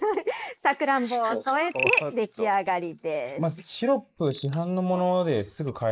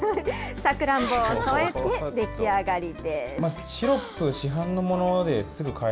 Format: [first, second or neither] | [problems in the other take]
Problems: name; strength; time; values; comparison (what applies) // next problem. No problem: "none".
second | noise reduction (neural mask model Resemble Enhance denoiser)